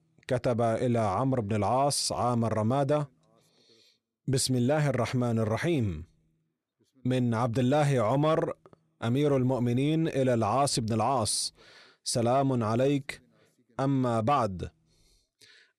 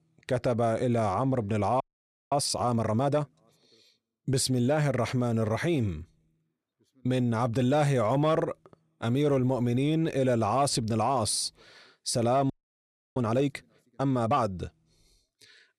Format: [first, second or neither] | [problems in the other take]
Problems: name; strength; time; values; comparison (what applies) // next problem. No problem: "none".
first | audio freezing; at 2 s for 0.5 s and at 13 s for 0.5 s